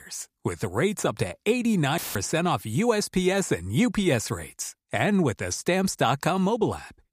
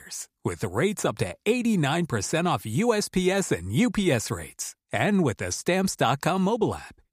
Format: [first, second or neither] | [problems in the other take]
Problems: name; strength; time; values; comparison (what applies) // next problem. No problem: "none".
second | audio cutting out; filled with static; at 2 s